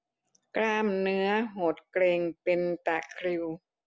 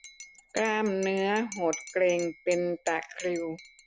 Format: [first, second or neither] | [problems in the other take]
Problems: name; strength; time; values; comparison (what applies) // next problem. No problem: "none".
first | background sound (Cutlery, silverware / Dishes, pots, and pans / Chink, clink); 16 dB below the speech